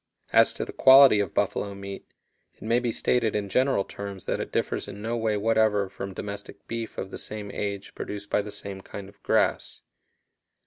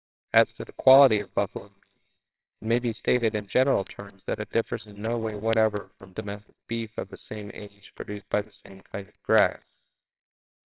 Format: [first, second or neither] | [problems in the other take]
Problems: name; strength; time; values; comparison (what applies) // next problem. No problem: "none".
first | noise reduction (neural separator model SepFormer WHAMR!)